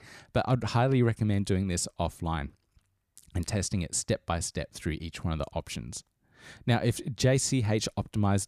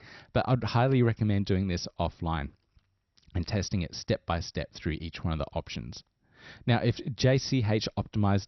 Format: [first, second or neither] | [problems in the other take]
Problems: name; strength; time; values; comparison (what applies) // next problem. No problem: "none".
first | garbled, watery; slightly; nothing above 6 kHz